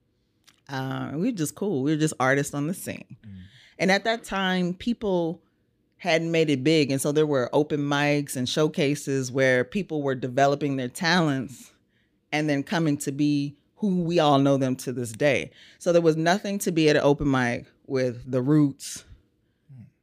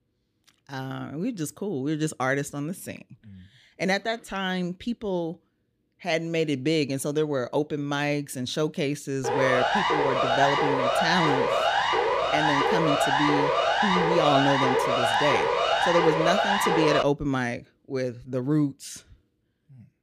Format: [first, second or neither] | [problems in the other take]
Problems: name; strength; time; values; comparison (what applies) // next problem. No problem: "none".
first | siren; loud; from 9 to 17 s; peak 5 dB above the speech